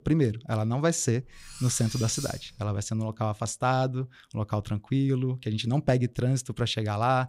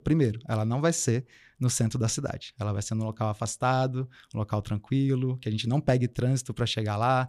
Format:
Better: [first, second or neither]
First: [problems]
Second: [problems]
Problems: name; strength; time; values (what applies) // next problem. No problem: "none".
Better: second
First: clattering dishes; noticeable; from 1 to 3 s; peak 8 dB below the speech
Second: none